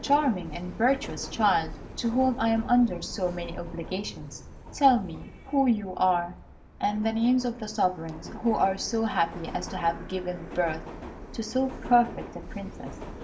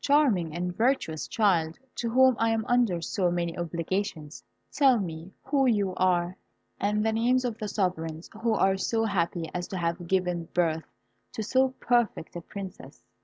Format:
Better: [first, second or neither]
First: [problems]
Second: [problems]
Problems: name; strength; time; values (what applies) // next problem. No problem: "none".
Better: second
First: background sound (Subway, metro, underground); 13 dB below the speech // room echo; dies away in 0.4 s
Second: none